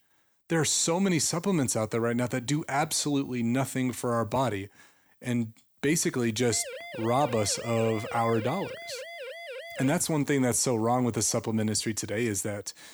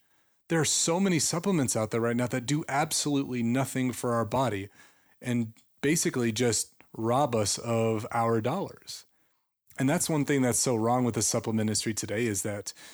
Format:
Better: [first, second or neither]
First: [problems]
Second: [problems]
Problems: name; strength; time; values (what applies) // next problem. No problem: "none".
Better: second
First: siren; faint; from 6.5 to 10 s; peak 10 dB below the speech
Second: none